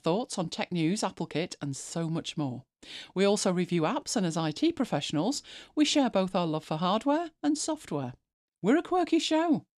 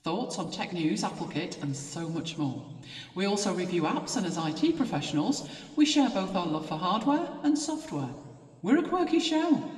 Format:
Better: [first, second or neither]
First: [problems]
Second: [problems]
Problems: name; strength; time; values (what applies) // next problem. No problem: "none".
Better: first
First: none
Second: room echo; slight; dies away in 1.6 s // off-mic speech; somewhat distant